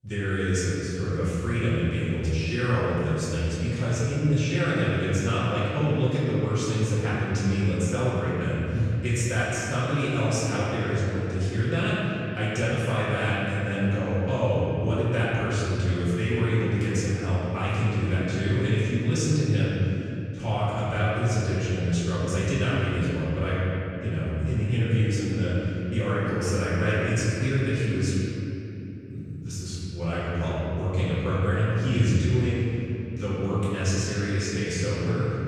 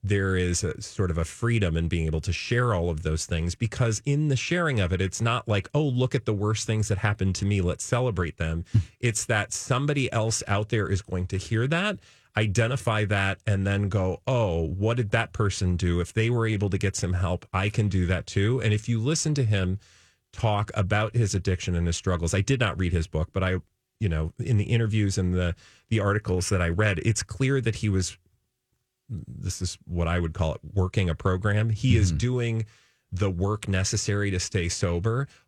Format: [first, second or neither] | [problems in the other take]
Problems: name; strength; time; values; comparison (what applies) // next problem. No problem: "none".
second | off-mic speech; far // room echo; strong; dies away in 3 s